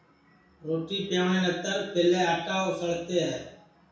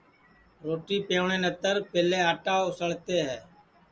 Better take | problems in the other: second | room echo; dies away in 0.6 s

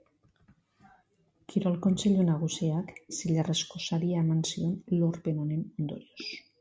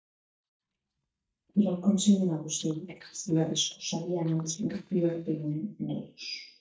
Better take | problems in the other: first | noise reduction (neural mask model DeepFilterNet 3)

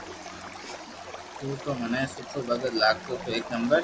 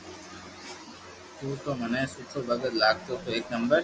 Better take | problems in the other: second | background sound (Stream); 14 dB below the speech

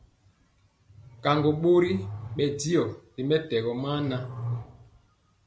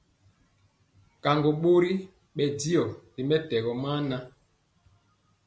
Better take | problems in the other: second | background sound (Growling); 12 dB below the speech

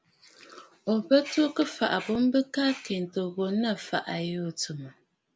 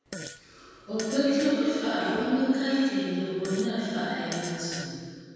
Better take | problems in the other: first | background sound (Fart); 14 dB below the speech // room echo; dies away in 2.1 s

